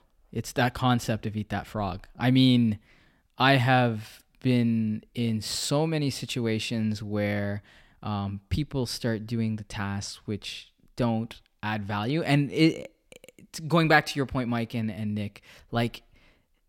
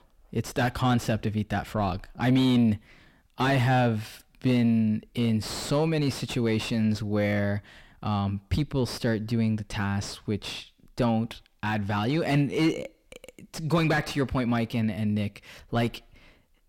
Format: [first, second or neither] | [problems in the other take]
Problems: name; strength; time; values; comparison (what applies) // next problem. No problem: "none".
first | distortion; heavy; 7 dB below the speech